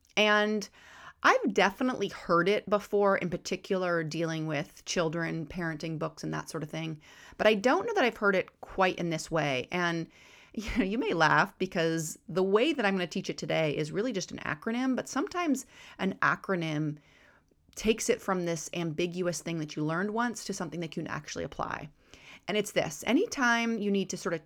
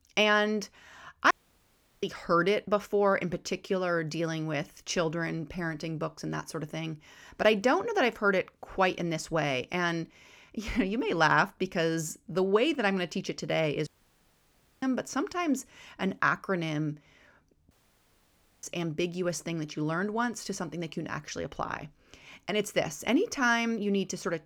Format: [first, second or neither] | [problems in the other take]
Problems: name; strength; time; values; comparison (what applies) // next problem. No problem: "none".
first | audio cutting out; at 1.5 s for 0.5 s, at 14 s for 1 s and at 18 s for 1 s